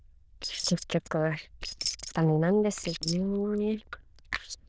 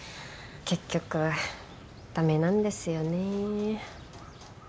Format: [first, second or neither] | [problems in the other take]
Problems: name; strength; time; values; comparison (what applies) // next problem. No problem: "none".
second | noise reduction (neural diffusion model UNIVERSE++)